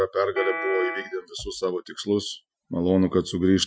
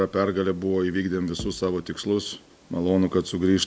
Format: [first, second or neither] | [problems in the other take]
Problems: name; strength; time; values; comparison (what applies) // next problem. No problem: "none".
second | noise reduction (classical method Wiener filter)